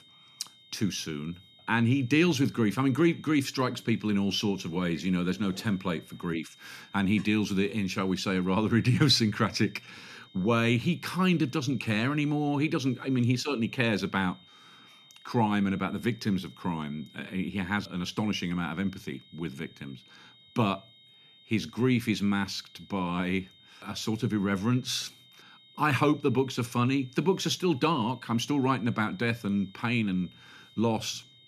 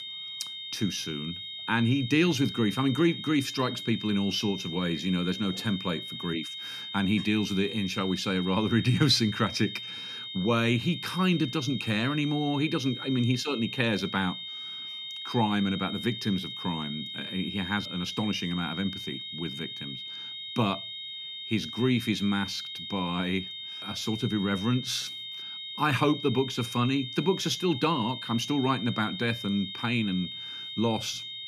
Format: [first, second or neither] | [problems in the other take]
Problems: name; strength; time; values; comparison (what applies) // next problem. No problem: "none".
first | high-pitched whine; loud; throughout; 3.5 kHz, 7 dB below the speech; faint in the first